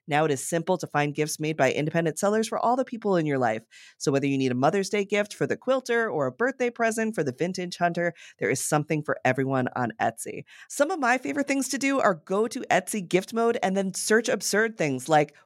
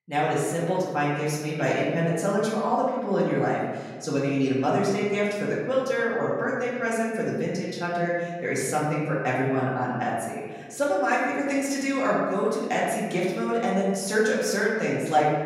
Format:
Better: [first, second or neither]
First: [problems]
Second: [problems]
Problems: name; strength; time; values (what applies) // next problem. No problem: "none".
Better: first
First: none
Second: room echo; noticeable; dies away in 1.3 s // off-mic speech; far